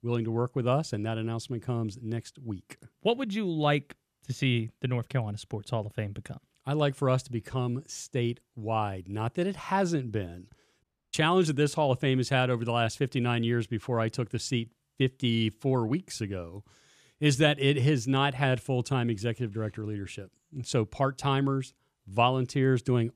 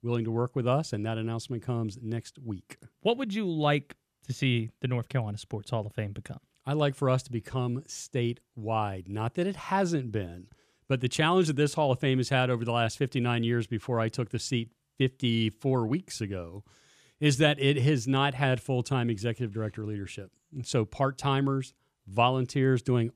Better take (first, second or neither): second